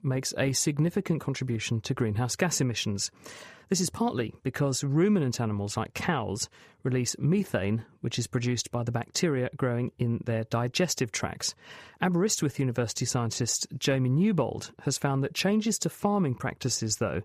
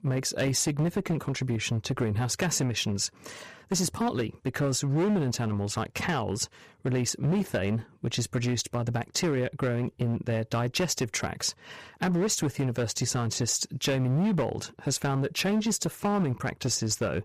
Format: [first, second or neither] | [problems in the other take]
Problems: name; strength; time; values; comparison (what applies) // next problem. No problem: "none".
first | distortion; slight; 10% of the sound clipped